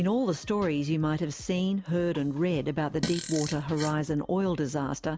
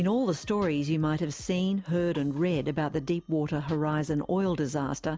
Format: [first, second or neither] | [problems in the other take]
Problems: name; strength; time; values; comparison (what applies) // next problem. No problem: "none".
second | background sound (Fart); 9 dB below the speech